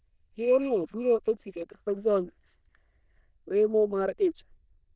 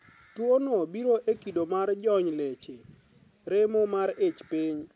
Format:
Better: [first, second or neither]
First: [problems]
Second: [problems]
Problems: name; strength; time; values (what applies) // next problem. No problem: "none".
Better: second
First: noise reduction (neural diffusion model UNIVERSE++)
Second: none